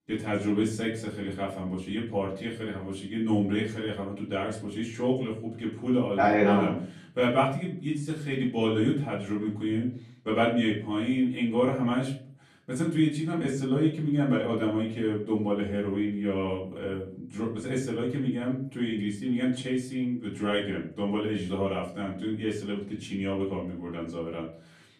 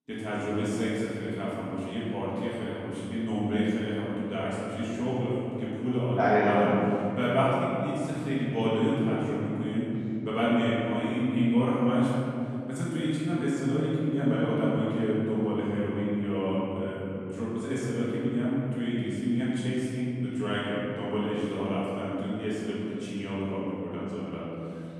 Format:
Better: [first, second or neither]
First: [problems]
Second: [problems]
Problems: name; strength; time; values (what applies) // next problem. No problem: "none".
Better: first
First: room echo; slight; dies away in 0.4 s // off-mic speech; far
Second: room echo; strong; dies away in 3 s // off-mic speech; far